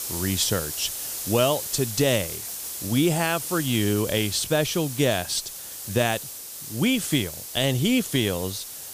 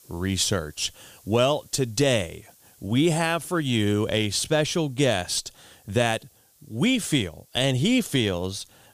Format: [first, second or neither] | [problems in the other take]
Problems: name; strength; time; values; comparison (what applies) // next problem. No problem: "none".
second | hiss; loud; throughout; 7 dB below the speech; faint in the second